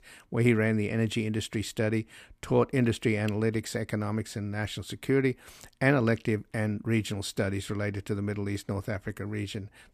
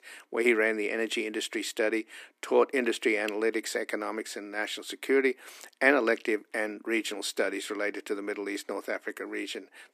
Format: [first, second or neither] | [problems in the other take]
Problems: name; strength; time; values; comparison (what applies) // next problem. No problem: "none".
first | thin; somewhat; fading below 300 Hz